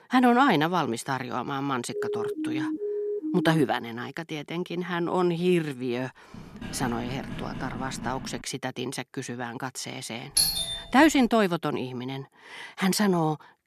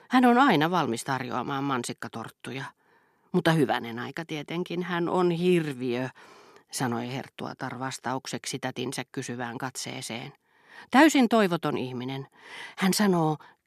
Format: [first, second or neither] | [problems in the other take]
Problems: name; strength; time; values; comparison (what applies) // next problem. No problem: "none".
second | siren; noticeable; from 2 to 3.5 s; peak 3 dB below the speech // door banging; faint; from 6.5 to 8.5 s; peak 10 dB below the speech // doorbell; loud; at 10 s; peak 5 dB above the speech